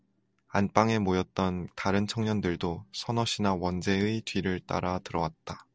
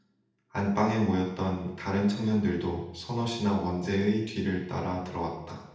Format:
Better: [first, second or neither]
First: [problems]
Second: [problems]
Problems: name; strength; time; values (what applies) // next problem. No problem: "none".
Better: first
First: none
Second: room echo; dies away in 0.8 s